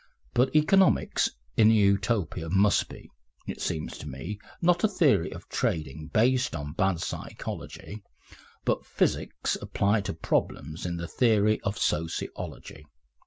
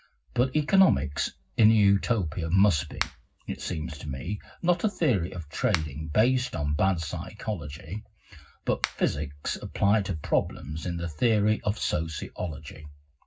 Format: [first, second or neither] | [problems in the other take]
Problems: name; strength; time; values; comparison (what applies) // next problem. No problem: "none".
first | background sound (Finger snapping); 12 dB below the speech // room echo; dies away in 0.4 s